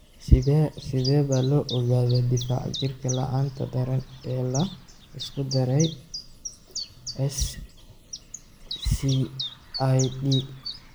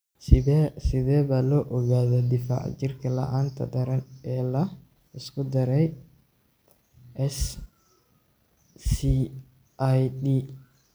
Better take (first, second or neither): second